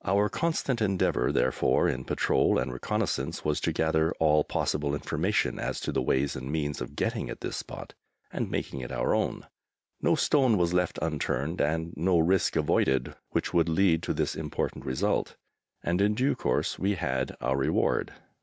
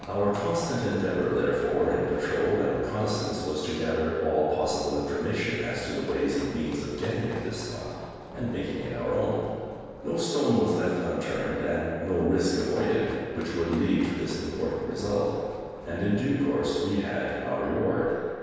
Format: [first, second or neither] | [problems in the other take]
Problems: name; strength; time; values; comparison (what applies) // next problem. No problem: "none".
first | background sound (Run); 18 dB below the speech // room echo; dies away in 1.9 s